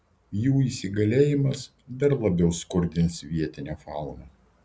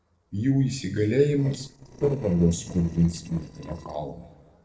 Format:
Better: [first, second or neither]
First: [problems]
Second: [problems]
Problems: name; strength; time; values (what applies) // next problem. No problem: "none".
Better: first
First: none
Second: noise reduction (neural separator model SepFormer DNS4)